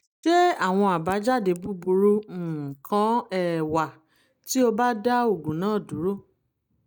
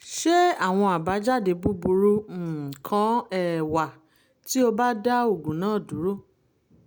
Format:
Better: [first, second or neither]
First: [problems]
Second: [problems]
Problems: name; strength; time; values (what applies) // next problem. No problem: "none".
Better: second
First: noise reduction (neural mask model DeepFilterNet 3)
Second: none